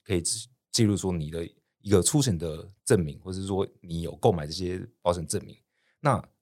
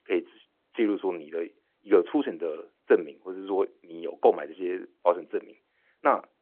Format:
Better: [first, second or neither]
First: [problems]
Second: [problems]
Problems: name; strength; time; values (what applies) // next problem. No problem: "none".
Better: first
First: none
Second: phone-call audio